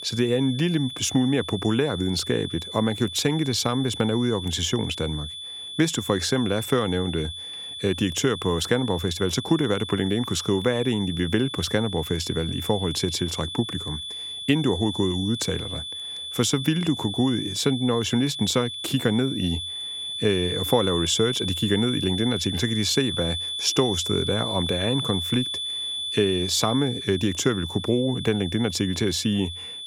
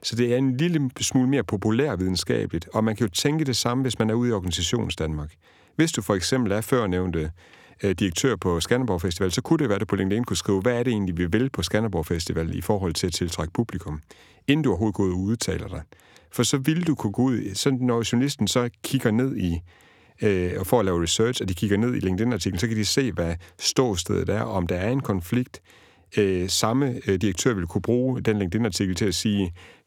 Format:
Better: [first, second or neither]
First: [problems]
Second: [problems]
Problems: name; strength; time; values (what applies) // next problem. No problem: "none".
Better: second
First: high-pitched whine; loud; throughout; 3.5 kHz, 6 dB below the speech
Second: none